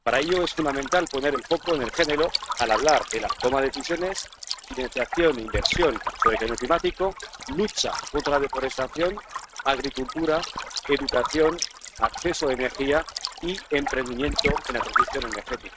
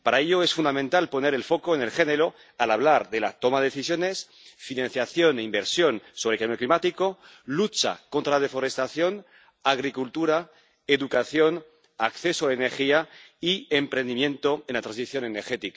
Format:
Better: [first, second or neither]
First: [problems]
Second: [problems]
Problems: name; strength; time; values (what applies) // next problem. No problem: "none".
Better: second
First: noise reduction (neural mask model RNNoise)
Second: none